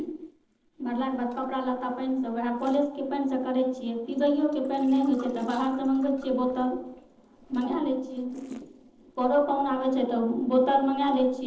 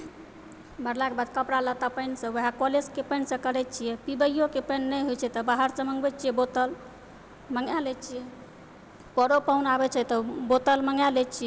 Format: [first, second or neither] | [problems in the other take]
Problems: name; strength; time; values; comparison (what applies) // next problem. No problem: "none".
second | noise reduction (neural separator model SepFormer DNS4)